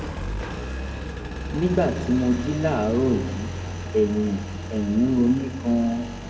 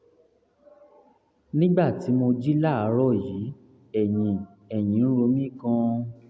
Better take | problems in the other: second | background sound (Engine); 7 dB below the speech // room echo; dies away in 0.9 s

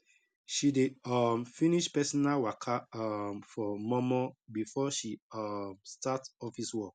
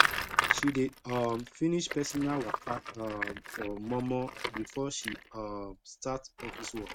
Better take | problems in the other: first | noise reduction (neural mask model RNNoise)

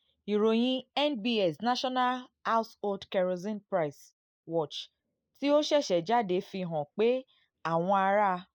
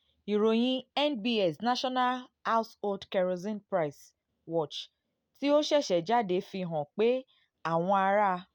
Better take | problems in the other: second | noise reduction (neural mask model Resemble Enhance denoiser)

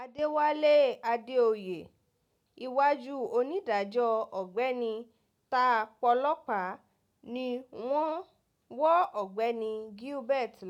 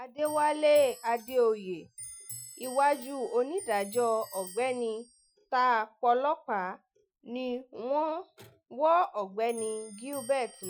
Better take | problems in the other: first | noise reduction (classical method Wiener filter)

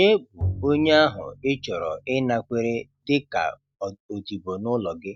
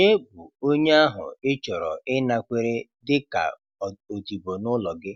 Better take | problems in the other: second | noise reduction (neural mask model RNNoise)

